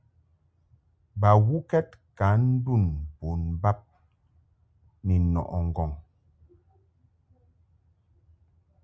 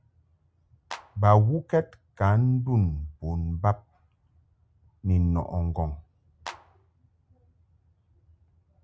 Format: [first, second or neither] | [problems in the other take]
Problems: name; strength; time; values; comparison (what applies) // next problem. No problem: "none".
first | background sound (Clapping); 15 dB below the speech